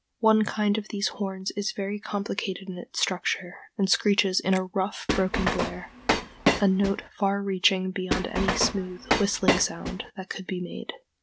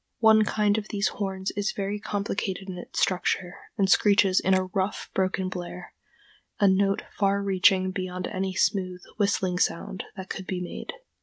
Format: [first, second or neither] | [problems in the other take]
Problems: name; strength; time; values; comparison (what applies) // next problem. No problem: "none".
second | background sound (Train); as loud as the speech